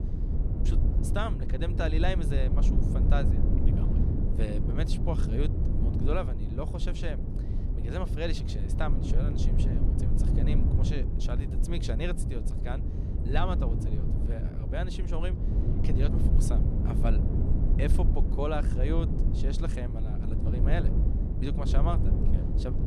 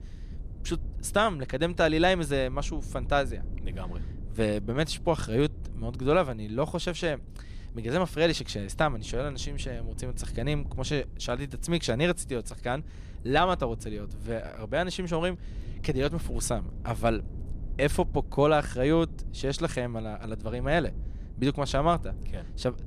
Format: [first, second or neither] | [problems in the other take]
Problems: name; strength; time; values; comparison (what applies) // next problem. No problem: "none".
second | low rumble; loud; throughout; 3 dB below the speech; faint in the second